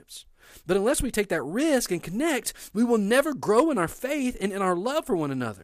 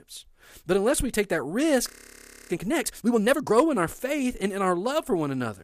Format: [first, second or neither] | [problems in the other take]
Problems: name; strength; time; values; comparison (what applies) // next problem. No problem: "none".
first | audio freezing; at 2 s for 0.5 s